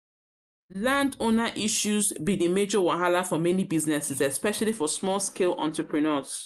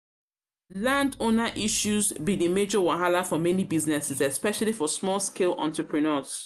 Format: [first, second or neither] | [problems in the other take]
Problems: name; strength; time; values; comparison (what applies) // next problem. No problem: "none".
second | noise reduction (neural mask model Resemble Enhance denoiser)